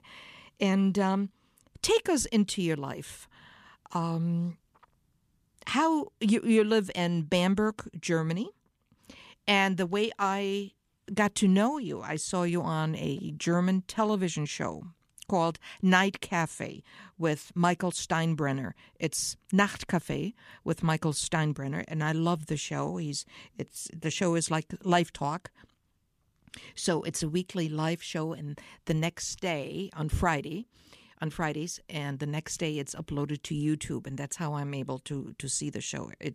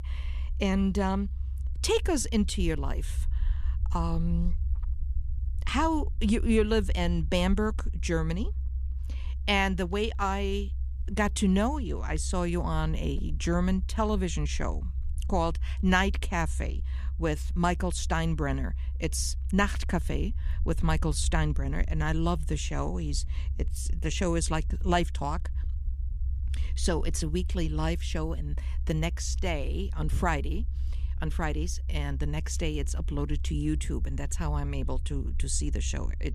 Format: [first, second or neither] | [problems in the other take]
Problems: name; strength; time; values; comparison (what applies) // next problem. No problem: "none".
first | low rumble; faint; throughout; 20 dB below the speech